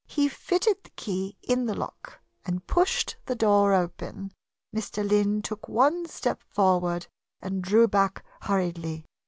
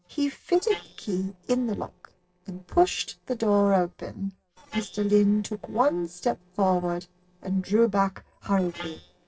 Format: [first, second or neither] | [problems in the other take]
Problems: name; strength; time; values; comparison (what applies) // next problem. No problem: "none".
first | noise reduction (neural separator model SepFormer DNS4)